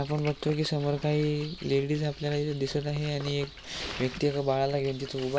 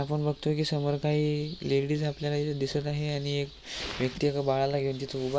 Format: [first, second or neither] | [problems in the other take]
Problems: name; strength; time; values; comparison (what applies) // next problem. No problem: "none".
second | background sound (Fireworks + Splash, splatter); 18 dB below the speech